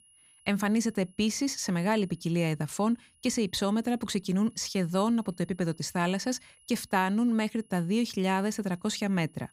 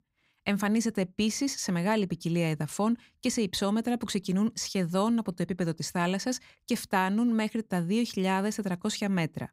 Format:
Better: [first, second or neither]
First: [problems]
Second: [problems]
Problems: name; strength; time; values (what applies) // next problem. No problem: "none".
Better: second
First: high-pitched whine; faint; throughout; 10.5 kHz, 30 dB below the speech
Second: none